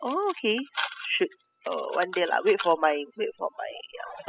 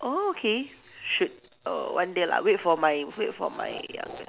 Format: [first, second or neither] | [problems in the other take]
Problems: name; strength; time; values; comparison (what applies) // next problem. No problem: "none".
second | noise reduction (classical method spectral subtraction)